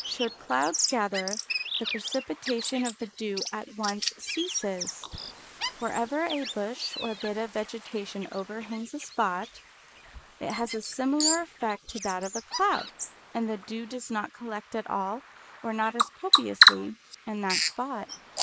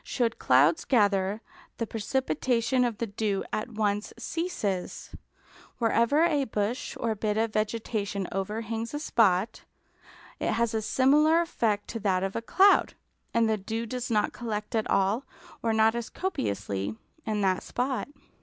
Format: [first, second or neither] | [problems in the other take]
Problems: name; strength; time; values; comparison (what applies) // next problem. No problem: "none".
second | noise reduction (neural mask model Resemble Enhance denoiser)